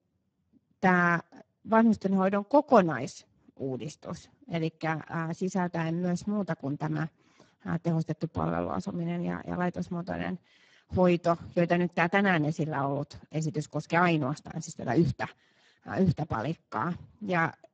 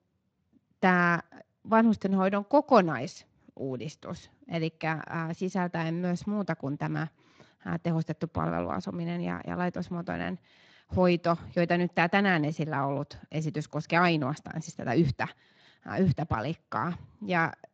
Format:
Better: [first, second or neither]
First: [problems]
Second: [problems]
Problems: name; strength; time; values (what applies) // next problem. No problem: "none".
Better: second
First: garbled, watery; badly; nothing above 7.5 kHz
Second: garbled, watery; slightly; nothing above 7.5 kHz